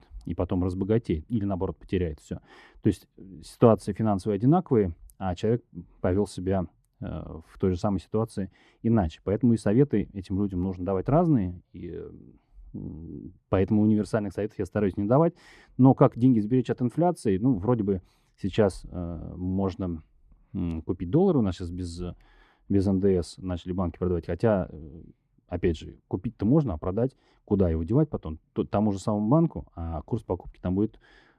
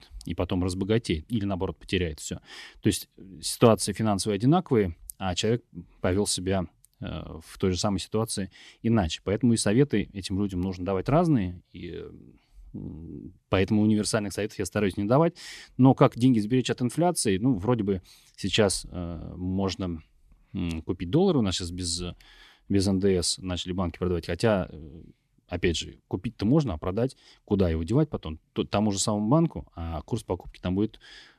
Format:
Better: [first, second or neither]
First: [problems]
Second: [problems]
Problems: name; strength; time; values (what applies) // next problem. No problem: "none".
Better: second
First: muffled; very; fading above 2 kHz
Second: none